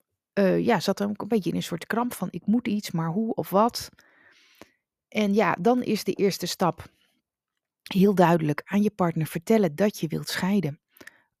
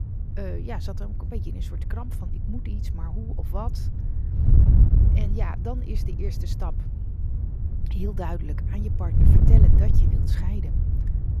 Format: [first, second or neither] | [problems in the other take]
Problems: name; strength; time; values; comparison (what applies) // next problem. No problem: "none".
first | wind noise on the microphone; heavy; as loud as the speech